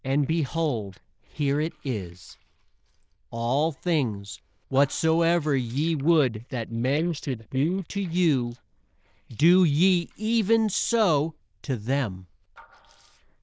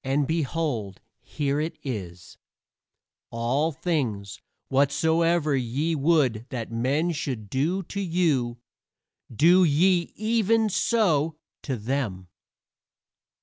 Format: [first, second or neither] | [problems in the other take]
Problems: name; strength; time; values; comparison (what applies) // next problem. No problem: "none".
second | noise reduction (neural diffusion model UNIVERSE++)